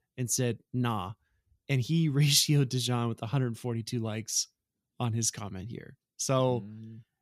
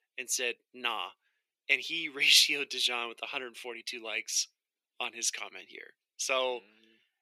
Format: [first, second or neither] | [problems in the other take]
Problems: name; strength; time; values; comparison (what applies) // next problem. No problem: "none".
first | thin; very; fading below 400 Hz